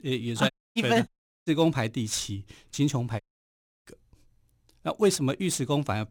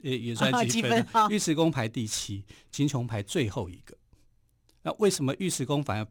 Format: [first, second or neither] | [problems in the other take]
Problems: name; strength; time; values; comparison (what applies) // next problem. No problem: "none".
second | audio cutting out; at 0.5 s, at 1 s and at 3 s for 0.5 s